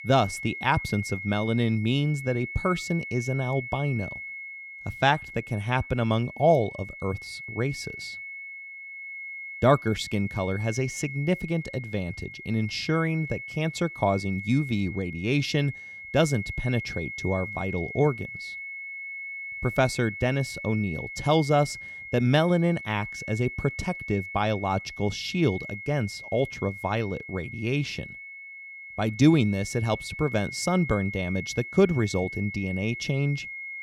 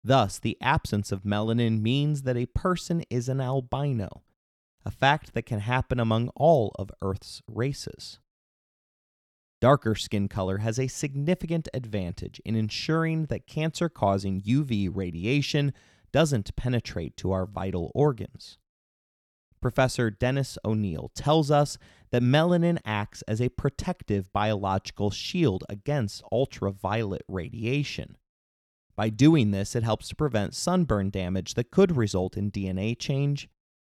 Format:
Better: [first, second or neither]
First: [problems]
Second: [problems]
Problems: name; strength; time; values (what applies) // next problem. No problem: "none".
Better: second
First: high-pitched whine; loud; throughout; 2 kHz, 10 dB below the speech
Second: none